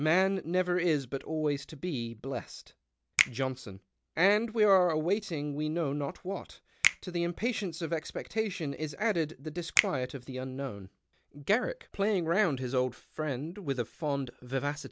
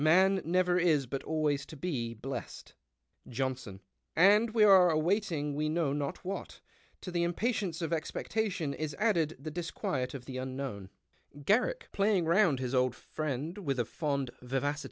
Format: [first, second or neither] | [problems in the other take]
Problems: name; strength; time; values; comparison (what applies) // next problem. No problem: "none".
second | background sound (Finger snapping); 6 dB below the speech